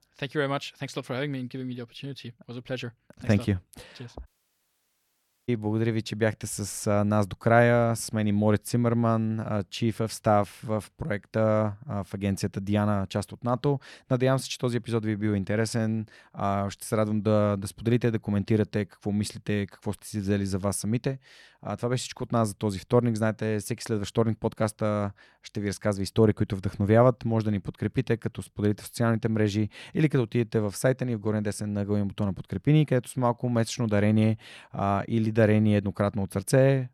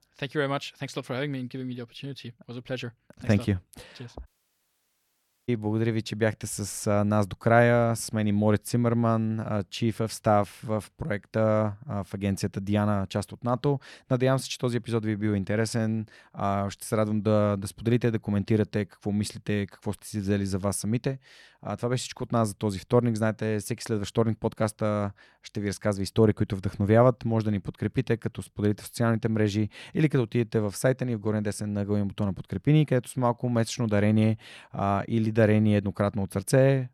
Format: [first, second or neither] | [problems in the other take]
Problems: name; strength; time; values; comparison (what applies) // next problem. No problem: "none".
neither | audio cutting out; at 4.5 s for 1 s; the same in both